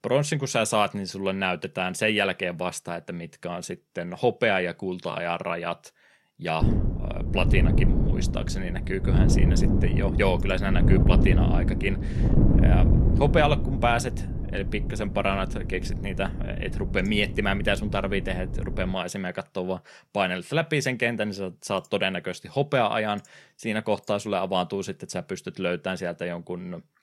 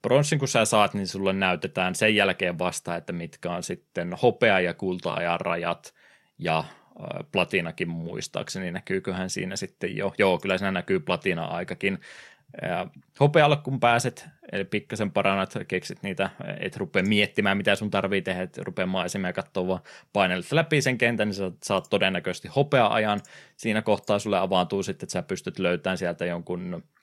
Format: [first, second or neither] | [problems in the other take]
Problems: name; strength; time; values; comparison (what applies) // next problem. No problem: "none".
second | wind noise on the microphone; heavy; from 6.5 to 19 s; 8 dB below the speech